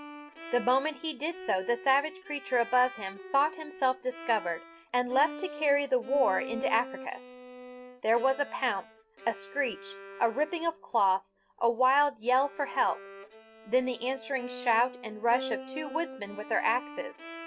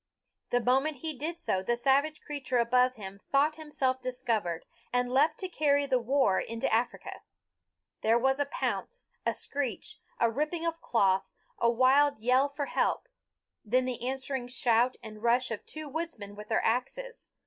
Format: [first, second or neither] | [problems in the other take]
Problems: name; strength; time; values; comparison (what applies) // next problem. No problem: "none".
second | background sound (Bowed string instrument); 14 dB below the speech